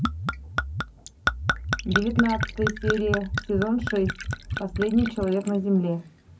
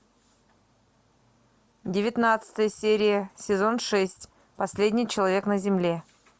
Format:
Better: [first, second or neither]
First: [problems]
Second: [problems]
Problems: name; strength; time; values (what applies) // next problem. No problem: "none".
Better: second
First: background sound (Gurgling / Chink, clink / Liquid); 3 dB below the speech // room echo; dies away in 0.4 s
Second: none